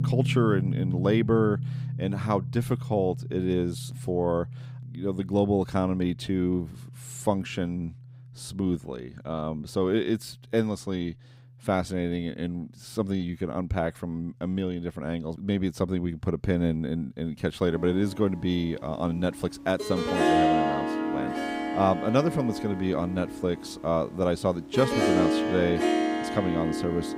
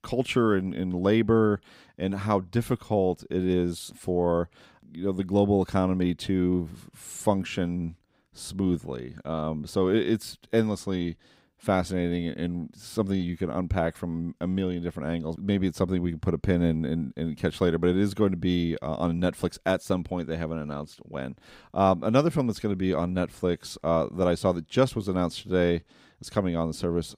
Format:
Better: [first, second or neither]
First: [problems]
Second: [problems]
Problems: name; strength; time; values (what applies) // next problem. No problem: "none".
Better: second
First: background music; loud; throughout; 1 dB below the speech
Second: none